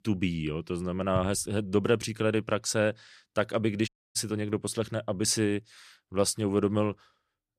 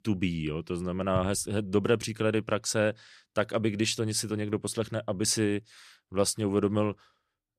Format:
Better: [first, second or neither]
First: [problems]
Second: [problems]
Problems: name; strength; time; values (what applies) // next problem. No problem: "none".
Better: second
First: audio cutting out; at 4 s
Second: none